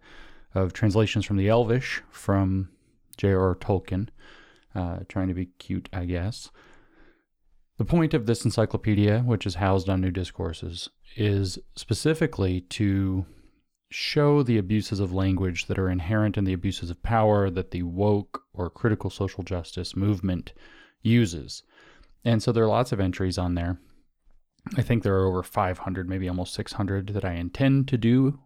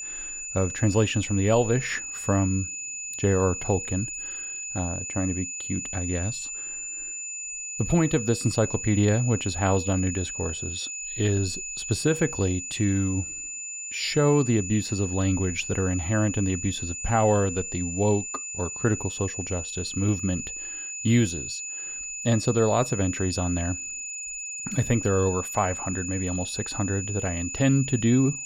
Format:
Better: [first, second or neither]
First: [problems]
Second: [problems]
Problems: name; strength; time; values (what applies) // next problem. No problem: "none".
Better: first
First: none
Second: high-pitched whine; loud; throughout; 7 kHz, 6 dB below the speech